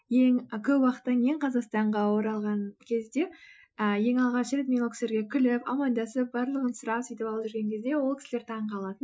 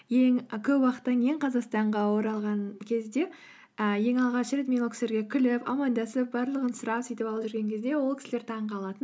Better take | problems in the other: second | noise reduction (classical method Wiener filter)

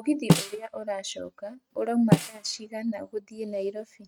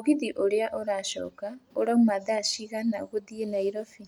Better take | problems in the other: second | noise reduction (neural mask model RNNoise)

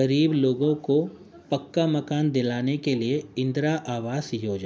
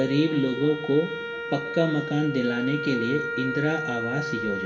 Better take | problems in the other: first | background sound (Wind instrument, woodwind instrument); 6 dB below the speech // room echo; dies away in 1 s

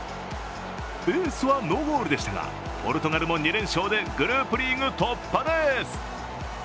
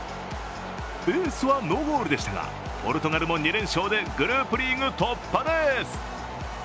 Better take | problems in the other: second | background sound (Wind instrument, woodwind instrument); 19 dB below the speech

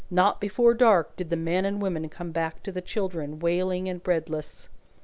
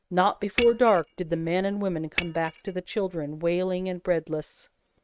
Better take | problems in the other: first | noise reduction (neural mask model RNNoise)

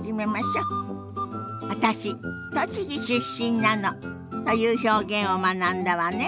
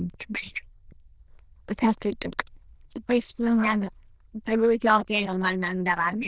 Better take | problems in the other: first | noise reduction (neural diffusion model UNIVERSE++)

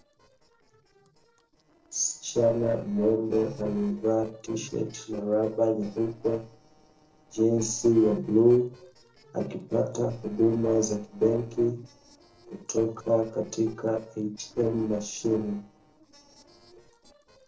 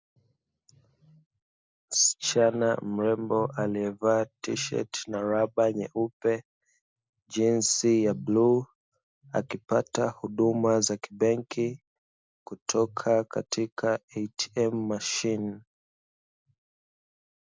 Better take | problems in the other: second | noise reduction (neural separator model SepFormer DNS4)

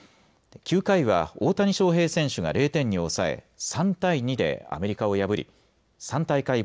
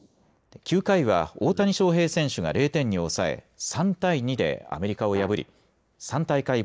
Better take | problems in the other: first | noise reduction (neural mask model Resemble Enhance denoiser)

